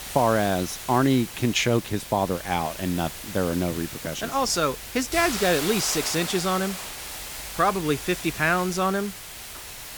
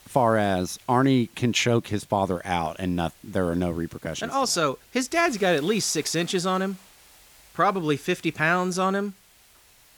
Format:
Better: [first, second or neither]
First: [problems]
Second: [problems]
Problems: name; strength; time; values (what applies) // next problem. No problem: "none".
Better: second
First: hiss; loud; throughout; 9 dB below the speech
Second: hiss; faint; throughout; 25 dB below the speech